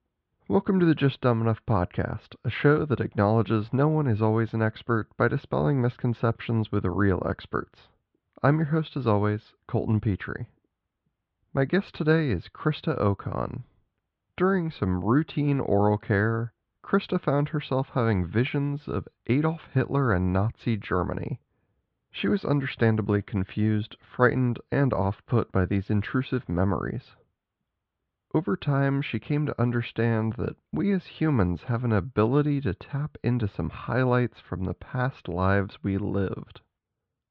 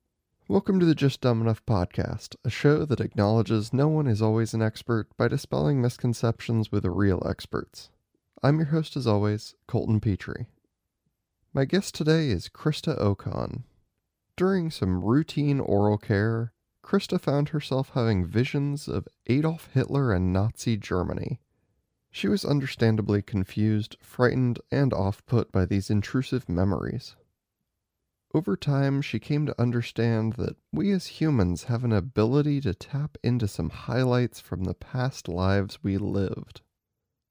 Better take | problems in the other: second | muffled; very; fading above 3.5 kHz

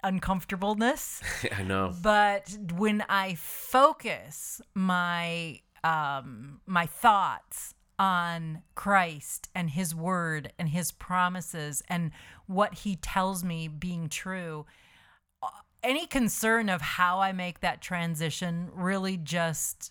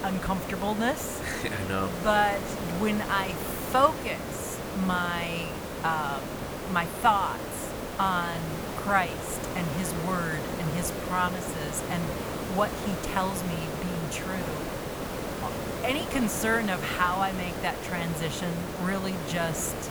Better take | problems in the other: first | hiss; loud; throughout; 4 dB below the speech

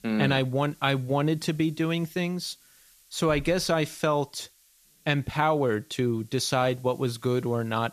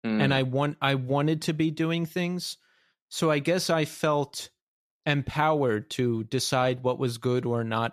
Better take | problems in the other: second | hiss; faint; throughout; 25 dB below the speech

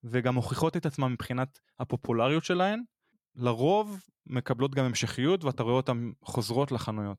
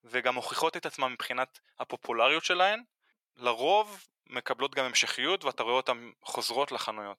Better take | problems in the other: first | thin; very; fading below 650 Hz

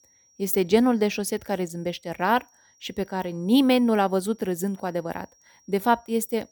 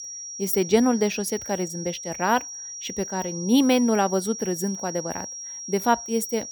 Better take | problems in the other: first | high-pitched whine; loud; throughout; 5.5 kHz, 9 dB below the speech; faint in the first

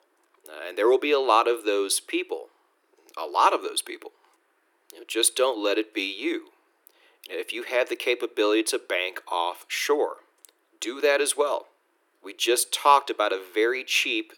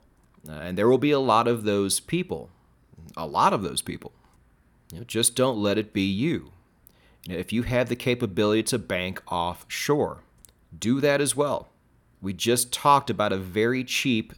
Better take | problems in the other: second | thin; very; fading below 300 Hz

